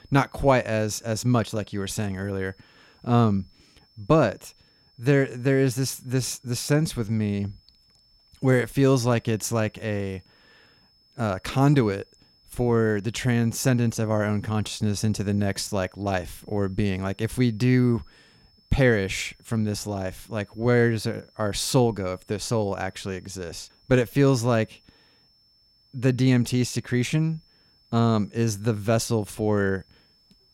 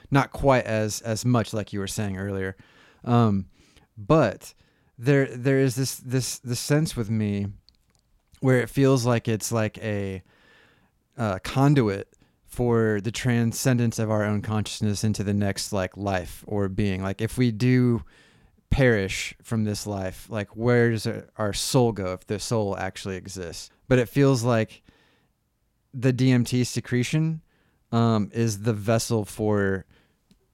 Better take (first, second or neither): second